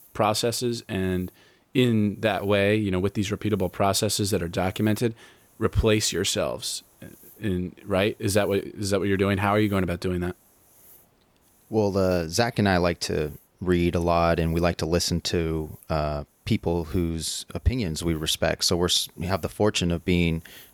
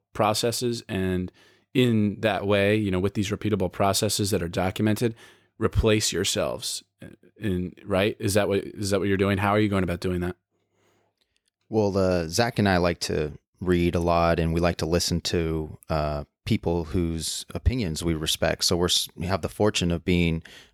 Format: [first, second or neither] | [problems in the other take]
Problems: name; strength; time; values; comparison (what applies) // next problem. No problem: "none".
second | hiss; faint; throughout; 30 dB below the speech